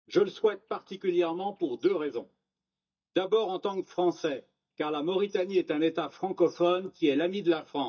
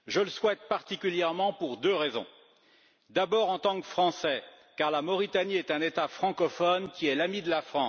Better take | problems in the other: second | noise reduction (neural mask model DeepFilterNet 3)

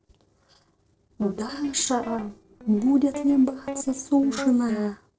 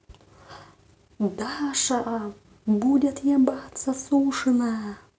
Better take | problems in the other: second | noise reduction (neural separator model SepFormer DNS4)

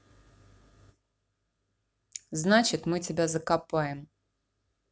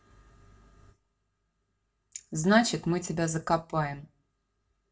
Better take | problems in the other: first | room echo; dies away in 0.2 s

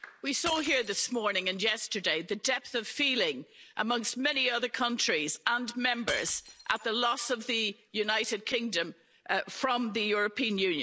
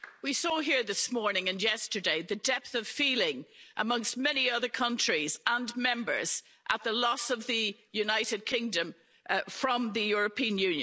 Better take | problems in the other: second | background sound (Shatter); 19 dB below the speech

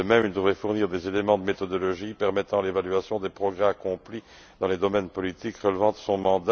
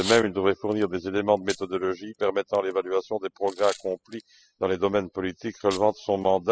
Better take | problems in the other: first | noise reduction (classical method spectral subtraction)

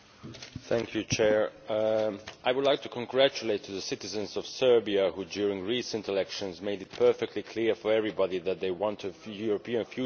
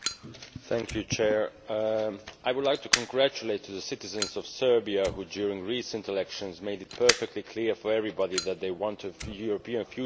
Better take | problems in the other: first | background sound (Fire); 8 dB below the speech

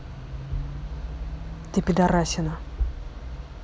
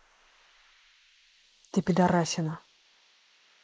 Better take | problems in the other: first | noise reduction (neural mask model Resemble Enhance denoiser)

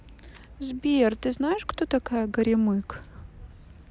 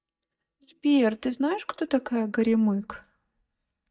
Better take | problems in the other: first | noise reduction (neural mask model DeepFilterNet 3)

